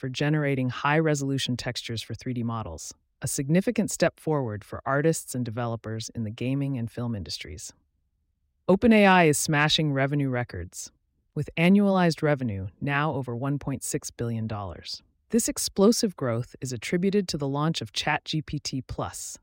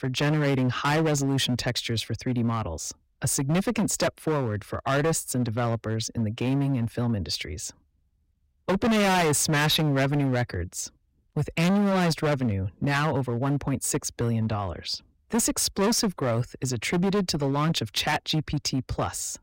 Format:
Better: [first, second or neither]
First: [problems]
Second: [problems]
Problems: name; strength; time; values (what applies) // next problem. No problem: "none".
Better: first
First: none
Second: distortion; heavy; 15% of the sound clipped